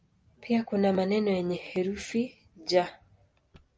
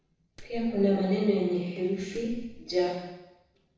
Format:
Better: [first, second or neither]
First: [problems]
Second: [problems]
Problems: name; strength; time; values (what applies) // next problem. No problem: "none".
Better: first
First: none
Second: noise reduction (neural separator model SepFormer DNS4)